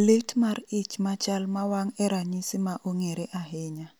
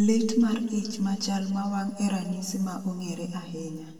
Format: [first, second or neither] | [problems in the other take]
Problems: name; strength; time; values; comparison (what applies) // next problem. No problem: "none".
first | room echo; dies away in 1.7 s